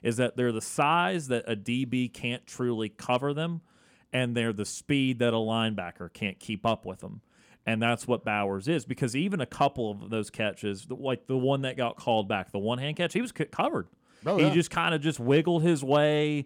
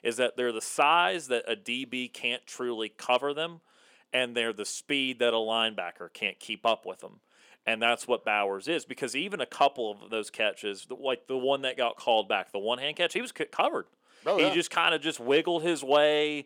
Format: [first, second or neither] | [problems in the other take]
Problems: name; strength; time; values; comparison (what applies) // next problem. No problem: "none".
first | thin; somewhat; fading below 450 Hz